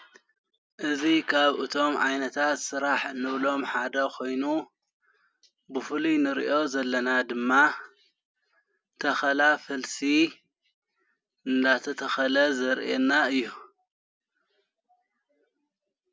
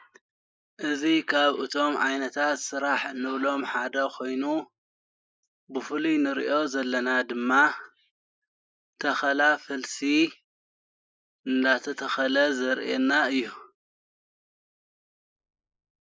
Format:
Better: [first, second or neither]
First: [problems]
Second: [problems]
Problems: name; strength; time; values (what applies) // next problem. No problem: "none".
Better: first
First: none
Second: noise reduction (neural mask model Resemble Enhance denoiser)